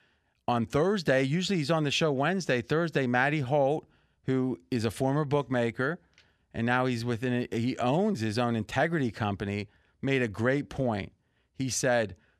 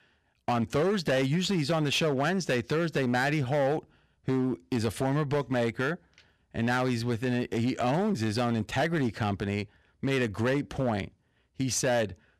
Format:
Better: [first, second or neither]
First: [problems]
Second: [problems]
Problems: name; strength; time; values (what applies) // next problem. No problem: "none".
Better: first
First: none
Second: distortion; slight; 11% of the sound clipped